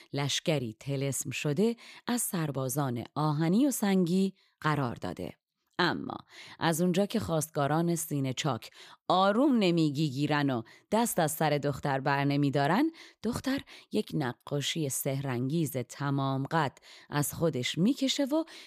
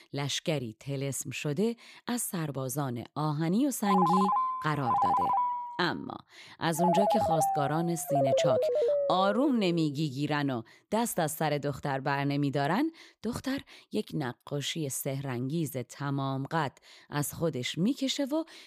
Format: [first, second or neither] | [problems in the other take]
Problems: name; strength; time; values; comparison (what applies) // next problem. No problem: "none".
first | phone ringing; loud; from 4 to 9.5 s; peak 5 dB above the speech